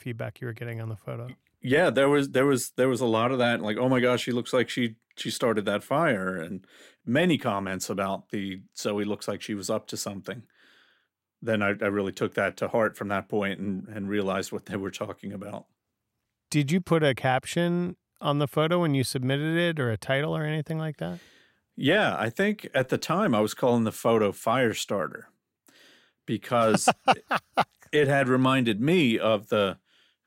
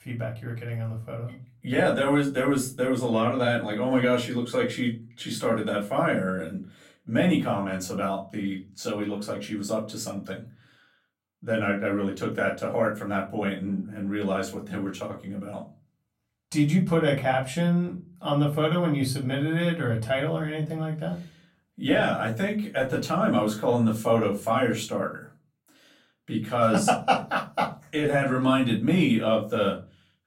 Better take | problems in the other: first | off-mic speech; far // room echo; very slight; dies away in 0.3 s

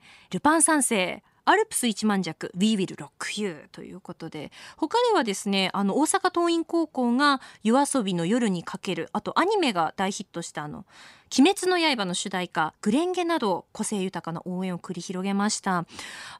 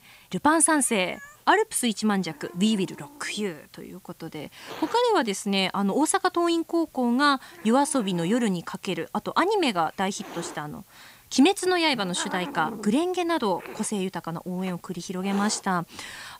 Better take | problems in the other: first | hiss; noticeable; throughout; 20 dB below the speech

